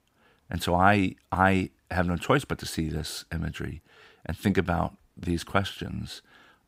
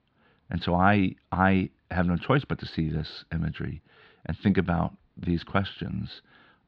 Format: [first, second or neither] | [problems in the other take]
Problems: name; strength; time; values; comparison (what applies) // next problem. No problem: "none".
first | muffled; very slightly; fading above 4 kHz